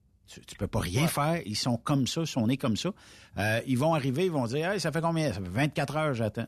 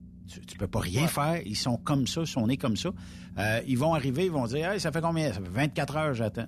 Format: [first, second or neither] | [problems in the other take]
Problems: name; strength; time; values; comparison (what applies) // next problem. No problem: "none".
first | low rumble; faint; throughout; 25 dB below the speech